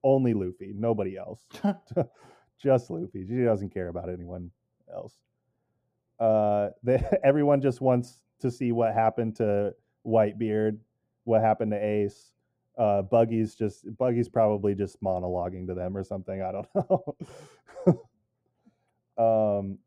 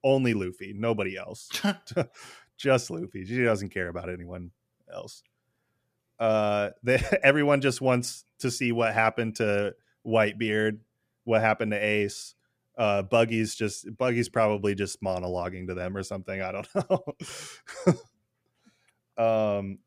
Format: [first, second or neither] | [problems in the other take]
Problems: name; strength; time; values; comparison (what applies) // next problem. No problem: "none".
second | muffled; very; fading above 1 kHz